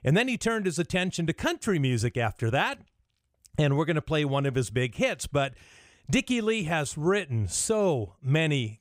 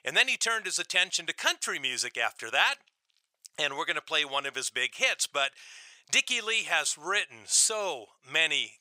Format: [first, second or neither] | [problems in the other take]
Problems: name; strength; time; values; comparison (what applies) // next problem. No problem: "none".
first | thin; very; fading below 950 Hz